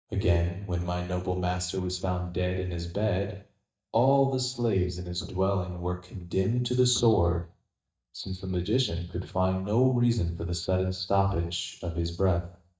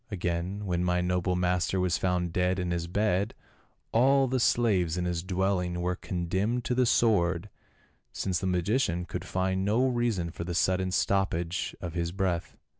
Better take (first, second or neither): second